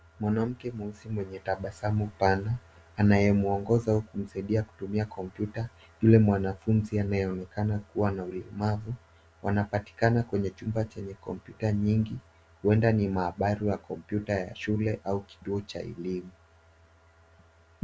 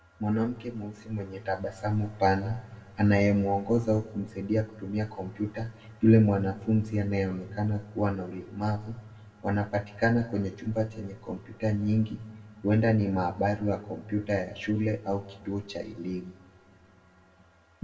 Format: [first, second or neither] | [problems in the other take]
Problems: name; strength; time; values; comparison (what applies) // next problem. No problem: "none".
first | room echo; dies away in 1.2 s